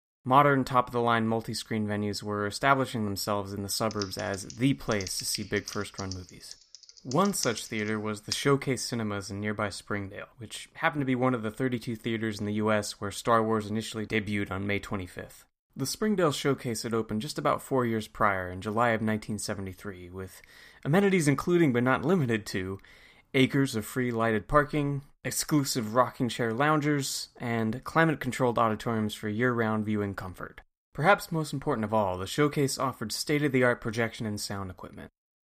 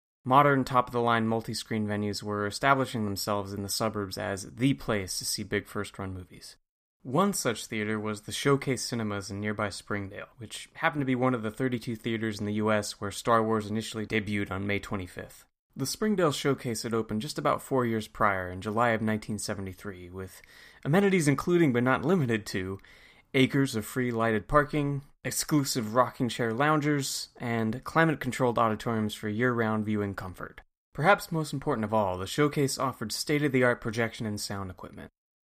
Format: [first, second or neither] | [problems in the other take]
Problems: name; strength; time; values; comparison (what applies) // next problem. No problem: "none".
second | keyboard typing; noticeable; from 4 to 8.5 s; peak 7 dB below the speech